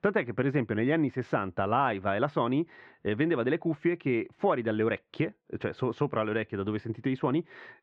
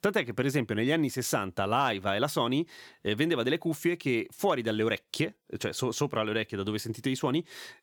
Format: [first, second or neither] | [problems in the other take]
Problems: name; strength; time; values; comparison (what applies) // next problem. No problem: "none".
second | muffled; very; fading above 2 kHz